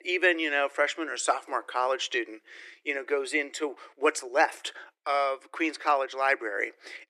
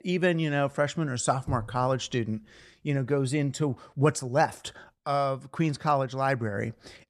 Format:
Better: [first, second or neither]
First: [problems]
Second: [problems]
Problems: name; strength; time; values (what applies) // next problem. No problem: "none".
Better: second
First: thin; very; fading below 300 Hz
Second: none